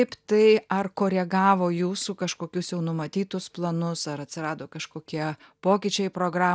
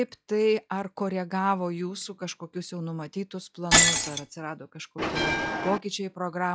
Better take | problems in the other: first | noise reduction (classical method log-MMSE)

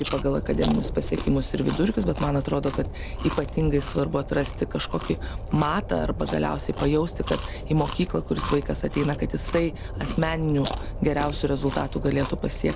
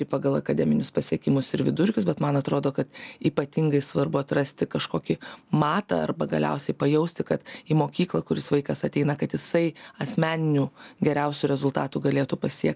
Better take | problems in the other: second | background sound (Train + Chewing, mastication); 6 dB below the speech

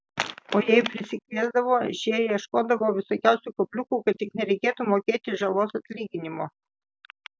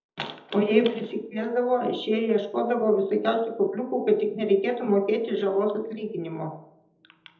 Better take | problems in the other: first | room echo; dies away in 0.8 s

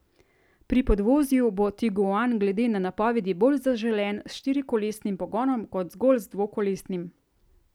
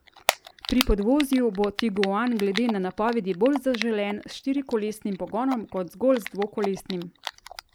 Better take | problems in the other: first | background sound (Typing); 10 dB below the speech

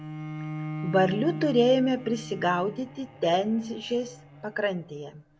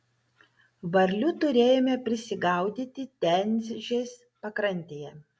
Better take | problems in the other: second | background sound (Bowed string instrument); 11 dB below the speech

